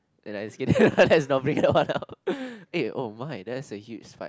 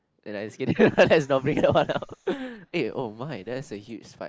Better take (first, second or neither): first